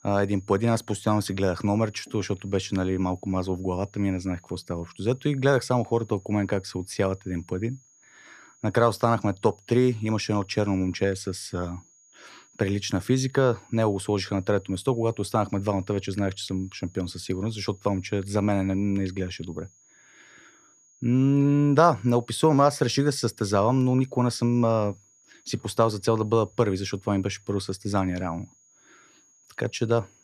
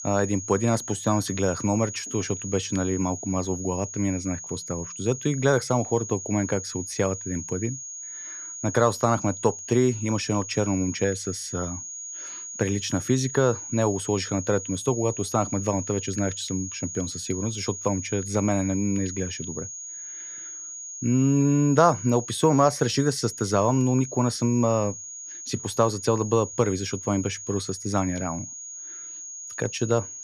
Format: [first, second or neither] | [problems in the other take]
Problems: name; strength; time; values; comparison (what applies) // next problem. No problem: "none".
first | high-pitched whine; loud; throughout; 6.5 kHz, 9 dB below the speech; faint in the first